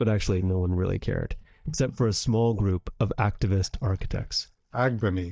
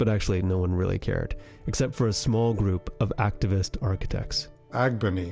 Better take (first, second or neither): second